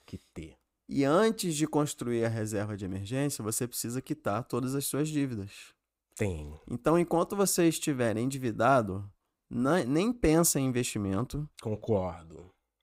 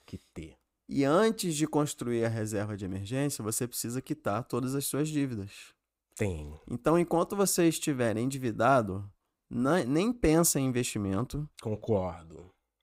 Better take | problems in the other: neither | none

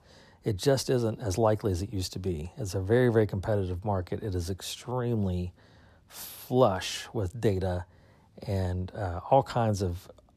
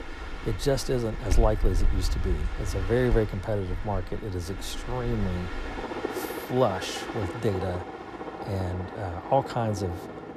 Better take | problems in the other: first | train or aircraft noise; loud; throughout; 5 dB below the speech

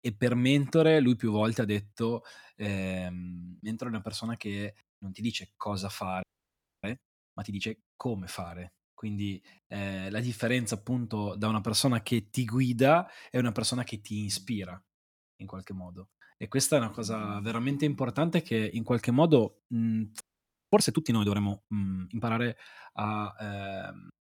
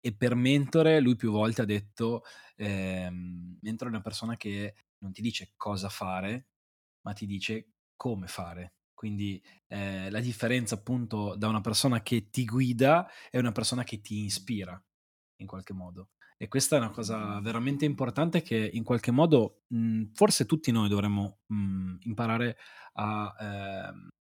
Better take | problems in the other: second | audio freezing; at 6 s for 0.5 s and at 20 s for 0.5 s

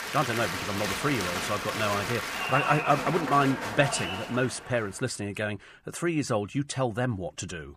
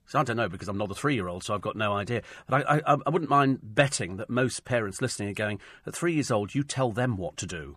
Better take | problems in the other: second | crowd noise; loud; until 4.5 s; 3 dB below the speech

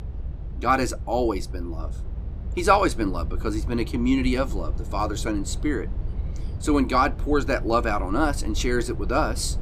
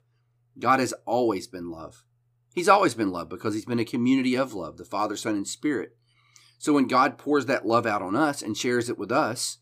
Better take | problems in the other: second | low rumble; faint; throughout; 20 dB below the speech

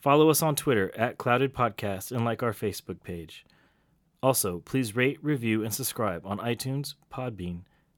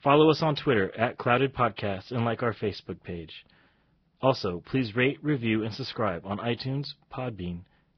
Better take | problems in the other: first | garbled, watery; badly; nothing above 5.5 kHz

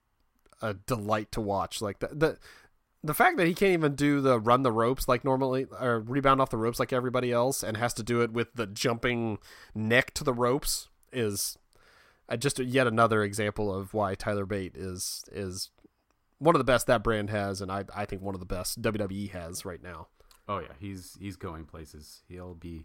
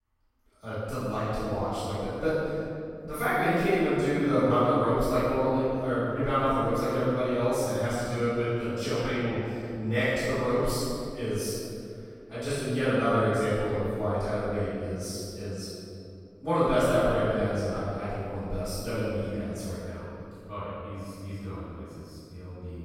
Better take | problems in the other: first | off-mic speech; far // room echo; strong; dies away in 2.5 s

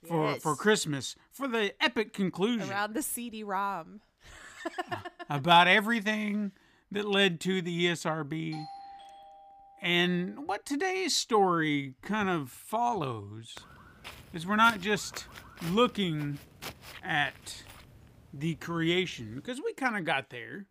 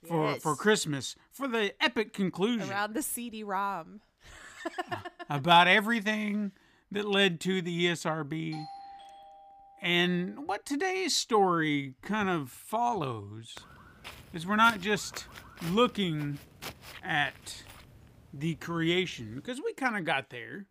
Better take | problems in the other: neither | doorbell; faint; from 8.5 to 10 s; peak 15 dB below the speech; the same in both // footsteps; faint; from 14 to 19 s; peak 15 dB below the speech; the same in both

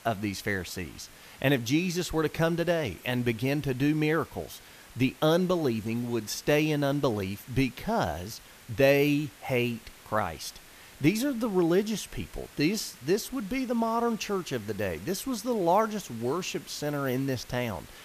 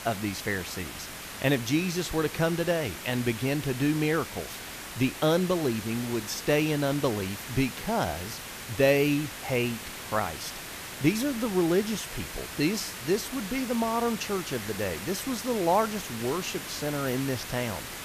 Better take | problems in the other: first | hiss; loud; throughout; 9 dB below the speech; faint in the first

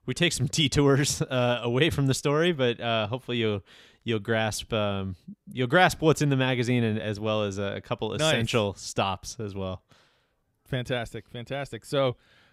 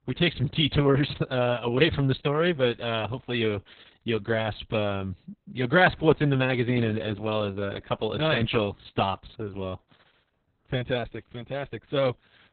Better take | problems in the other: first | garbled, watery; badly; nothing above 3.5 kHz

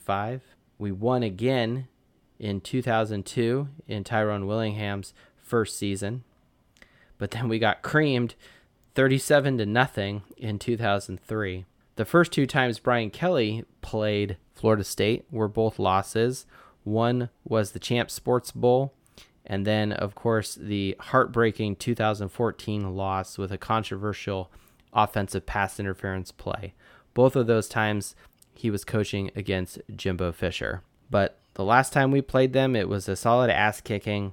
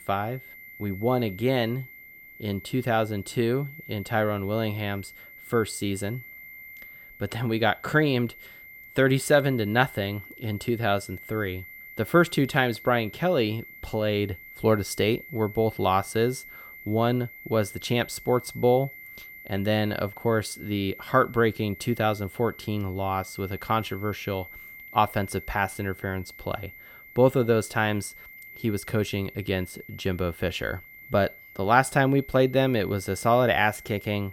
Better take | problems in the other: first | high-pitched whine; noticeable; throughout; 2 kHz, 15 dB below the speech

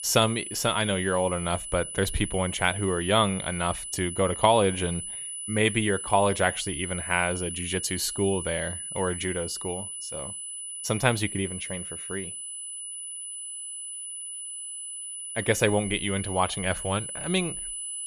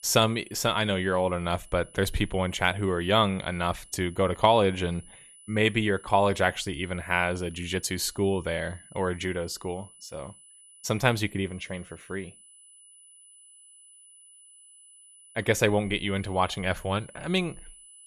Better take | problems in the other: second | high-pitched whine; loud; throughout; 10 kHz, 7 dB below the speech; faint in the second

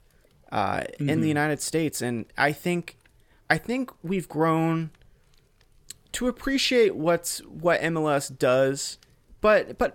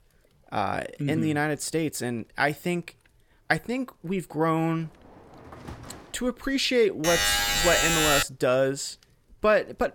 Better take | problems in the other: first | door banging; faint; from 5 to 6 s; peak 15 dB below the speech // alarm; loud; from 7 to 8 s; peak 5 dB above the speech

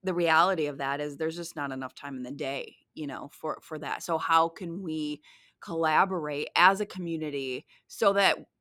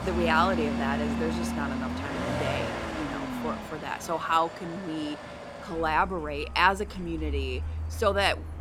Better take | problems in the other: first | traffic noise; loud; throughout; 5 dB below the speech

